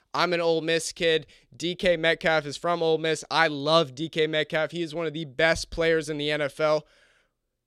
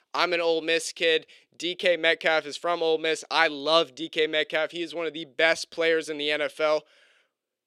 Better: first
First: none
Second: thin; somewhat; fading below 350 Hz

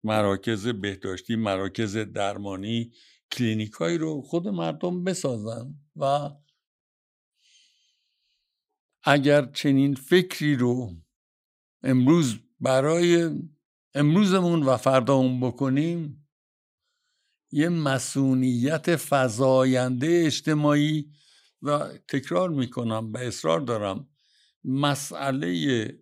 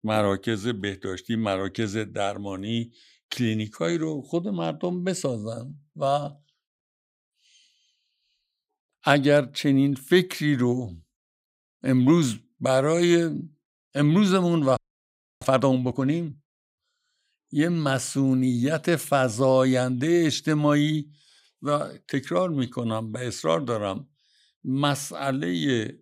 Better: first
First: none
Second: audio freezing; at 15 s for 0.5 s

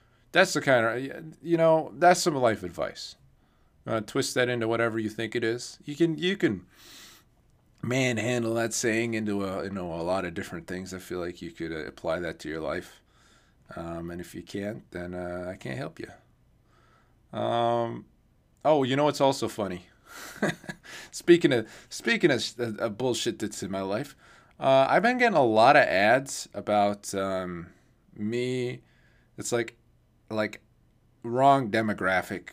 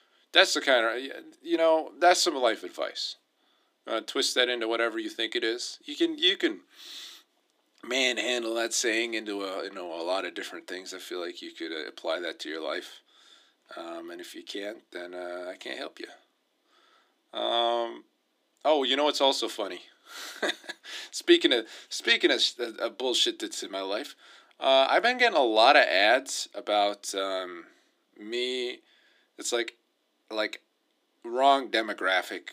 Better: first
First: none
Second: thin; somewhat; fading below 300 Hz

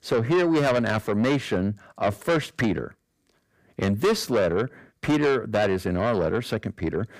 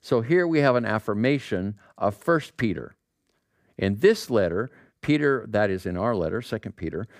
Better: second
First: distortion; heavy; 7 dB below the speech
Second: none

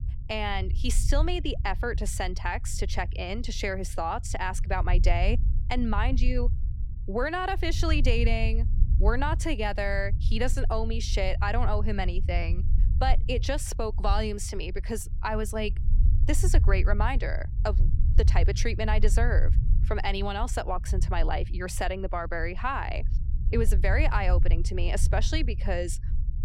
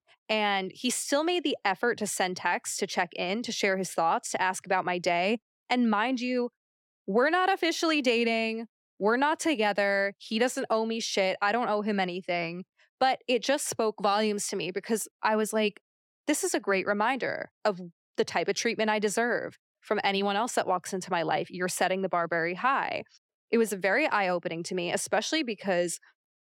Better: second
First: low rumble; noticeable; throughout; 15 dB below the speech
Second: none

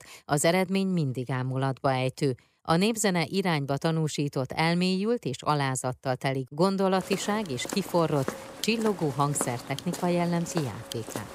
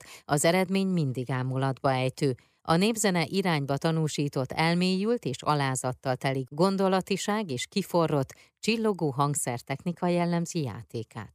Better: second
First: footsteps; noticeable; from 7 s on; peak 8 dB below the speech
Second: none

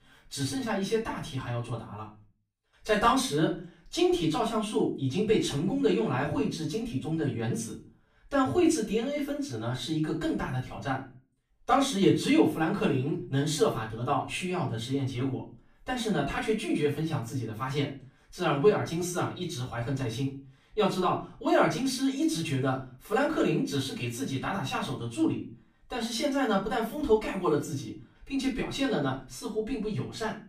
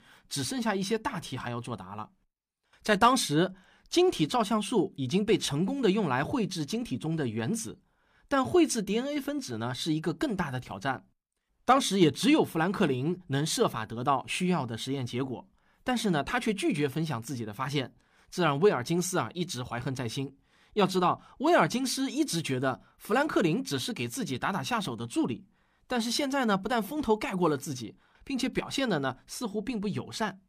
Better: second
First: off-mic speech; far // room echo; slight; dies away in 0.3 s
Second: none

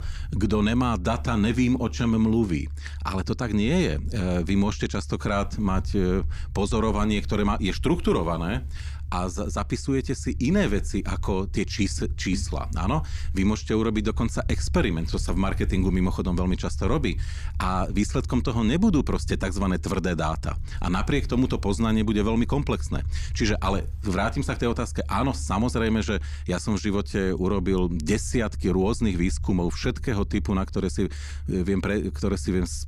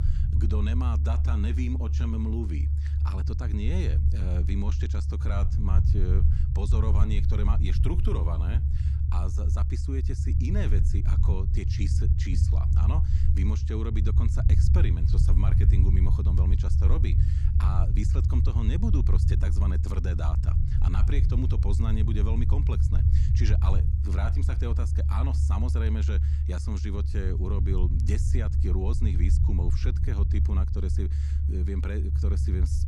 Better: first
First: low rumble; faint; throughout; 25 dB below the speech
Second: low rumble; loud; throughout; 2 dB below the speech

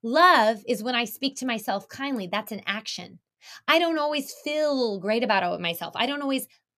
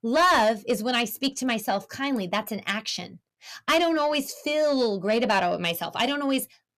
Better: first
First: none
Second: distortion; slight; 10 dB below the speech

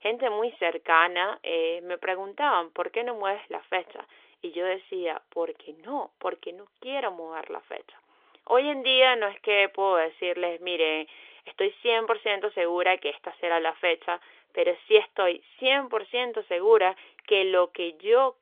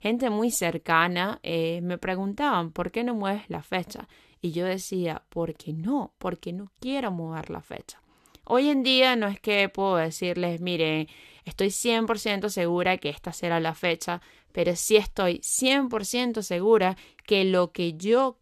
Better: second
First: phone-call audio; nothing above 3.5 kHz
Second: none

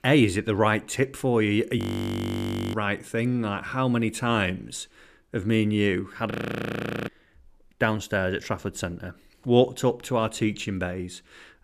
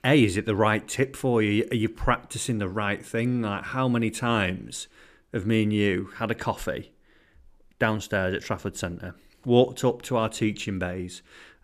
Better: second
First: audio freezing; at 2 s for 1 s and at 6.5 s for 1 s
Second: none

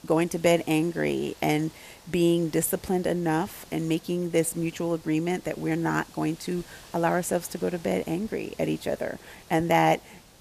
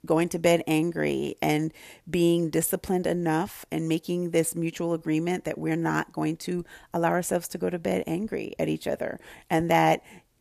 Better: second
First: hiss; faint; throughout; 20 dB below the speech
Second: none

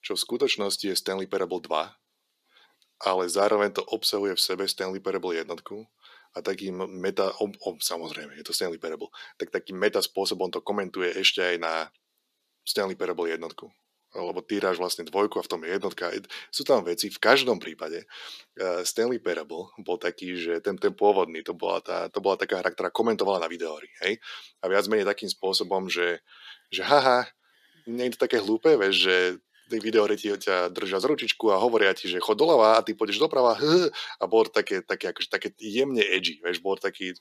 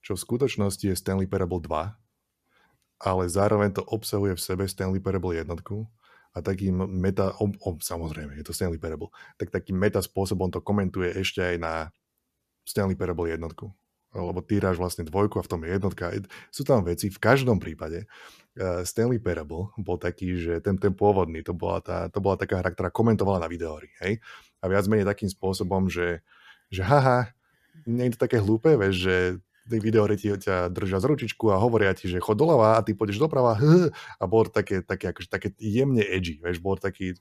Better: second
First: thin; somewhat; fading below 300 Hz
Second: none

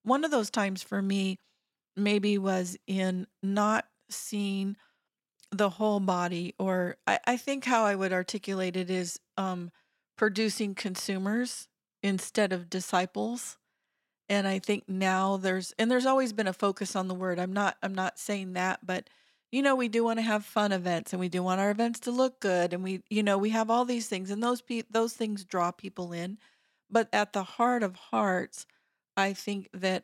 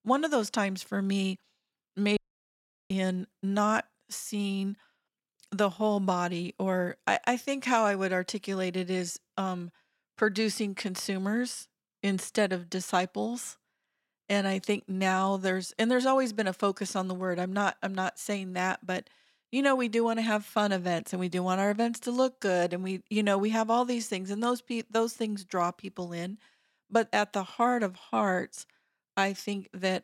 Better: first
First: none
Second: audio cutting out; at 2 s for 0.5 s

